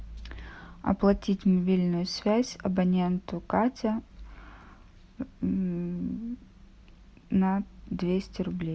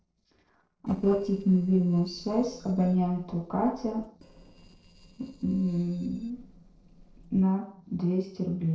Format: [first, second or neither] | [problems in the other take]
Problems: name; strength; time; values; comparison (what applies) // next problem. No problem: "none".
first | noise reduction (neural separator model SepFormer DNS4)